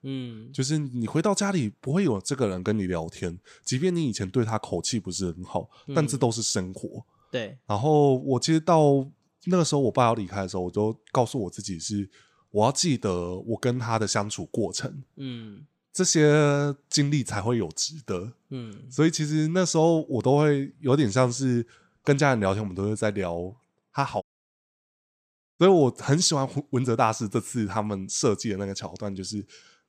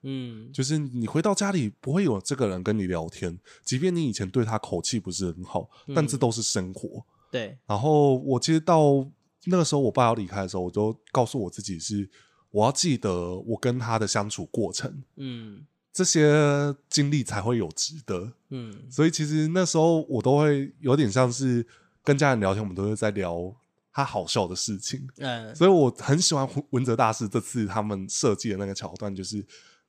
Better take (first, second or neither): second